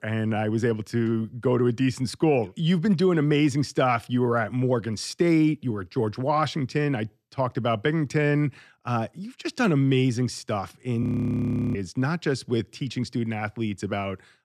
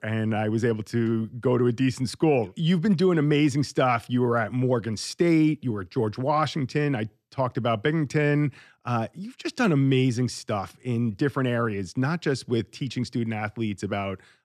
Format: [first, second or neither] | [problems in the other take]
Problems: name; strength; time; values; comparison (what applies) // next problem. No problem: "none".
second | audio freezing; at 11 s for 0.5 s